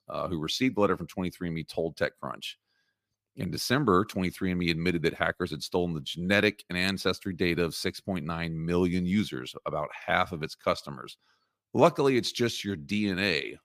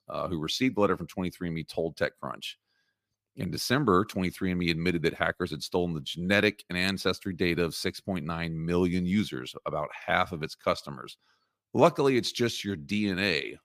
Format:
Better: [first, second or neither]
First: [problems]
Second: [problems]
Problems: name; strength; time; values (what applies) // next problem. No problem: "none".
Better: neither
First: none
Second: none